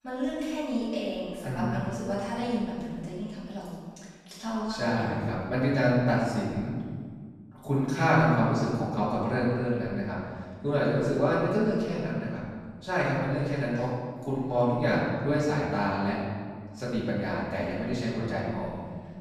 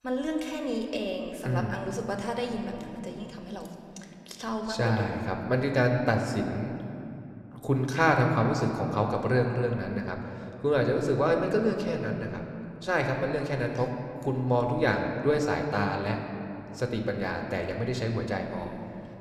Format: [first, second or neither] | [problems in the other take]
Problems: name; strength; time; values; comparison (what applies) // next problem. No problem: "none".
second | room echo; strong; dies away in 1.5 s; slight in the second // off-mic speech; far